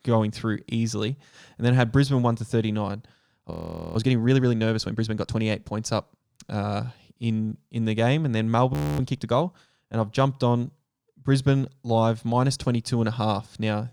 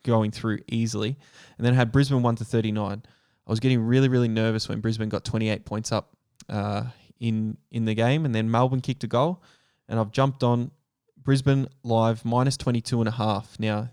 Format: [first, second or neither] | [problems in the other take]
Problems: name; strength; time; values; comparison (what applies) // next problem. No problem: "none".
second | audio freezing; at 3.5 s and at 8.5 s